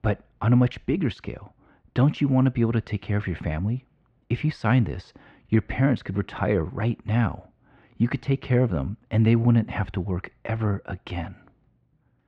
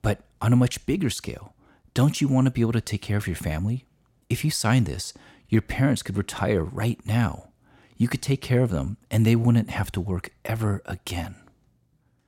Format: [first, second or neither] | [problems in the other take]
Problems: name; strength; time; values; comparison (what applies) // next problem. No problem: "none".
second | muffled; very; fading above 2.5 kHz